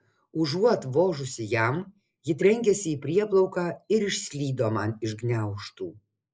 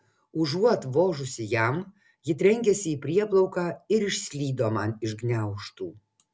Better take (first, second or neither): second